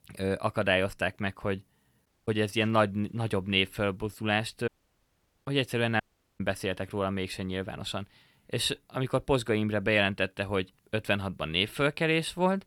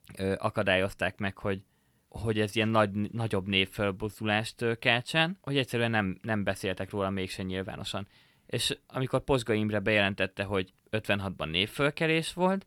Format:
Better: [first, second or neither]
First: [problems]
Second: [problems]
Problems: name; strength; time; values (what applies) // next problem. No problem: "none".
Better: second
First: audio cutting out; at 2 s, at 4.5 s for 1 s and at 6 s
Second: none